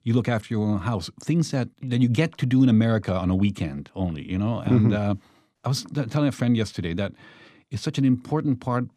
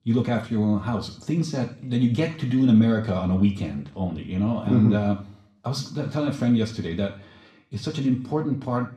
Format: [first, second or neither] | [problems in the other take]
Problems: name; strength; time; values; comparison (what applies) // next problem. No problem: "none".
first | room echo; slight; dies away in 0.5 s // off-mic speech; somewhat distant